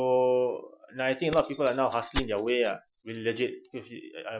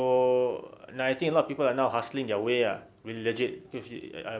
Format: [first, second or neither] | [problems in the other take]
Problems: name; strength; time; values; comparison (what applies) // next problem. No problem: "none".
second | noise reduction (classical method Wiener filter)